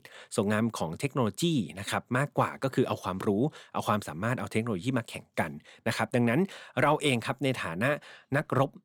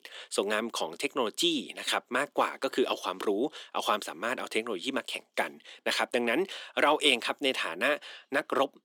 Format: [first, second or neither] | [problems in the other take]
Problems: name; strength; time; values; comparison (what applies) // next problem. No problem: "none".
first | thin; somewhat; fading below 300 Hz